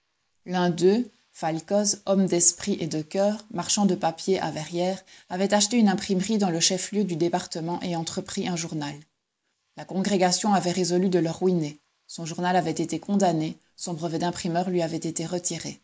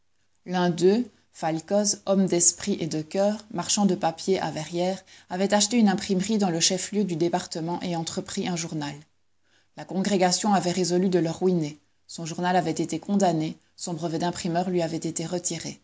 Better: second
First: noise reduction (neural mask model Resemble Enhance denoiser)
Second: none

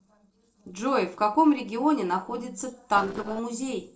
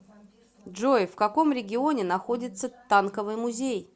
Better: second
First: noise reduction (neural separator model SepFormer DNS4)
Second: none

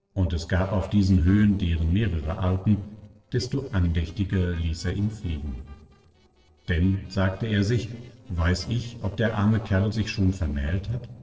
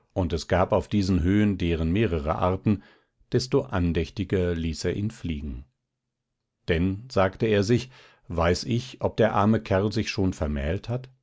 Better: second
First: noise reduction (neural separator model SepFormer DNS4)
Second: none

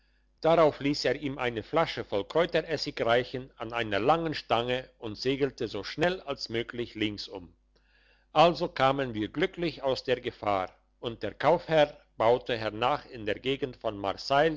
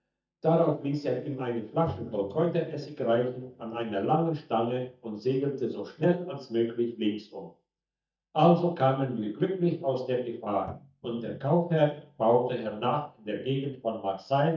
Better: first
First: none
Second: noise reduction (neural mask model DeepFilterNet 3)

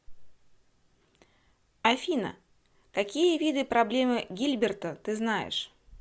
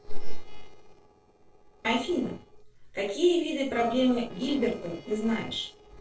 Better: first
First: none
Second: noise reduction (neural separator model SepFormer DNS4)

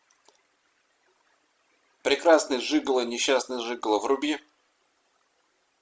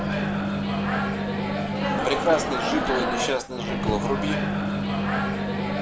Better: first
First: none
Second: background sound (Microwave oven); 5 dB above the speech

